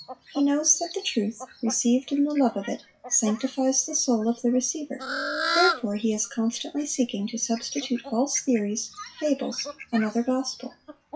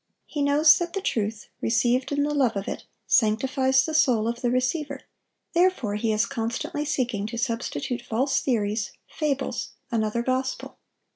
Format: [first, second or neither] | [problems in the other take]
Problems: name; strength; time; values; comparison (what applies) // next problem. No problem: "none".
second | noise reduction (classical method WPE with log-MMSE)